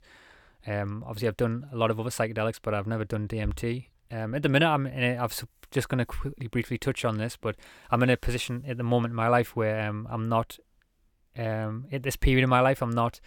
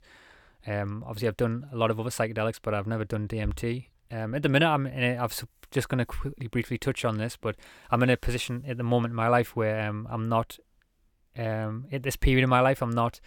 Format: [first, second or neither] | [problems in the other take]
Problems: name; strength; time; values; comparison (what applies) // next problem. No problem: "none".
neither | none